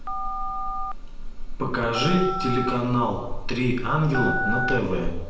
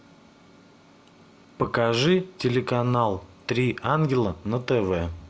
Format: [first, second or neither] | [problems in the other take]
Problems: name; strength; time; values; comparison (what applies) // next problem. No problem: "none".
second | background sound (Telephone); 1 dB below the speech // room echo; dies away in 0.9 s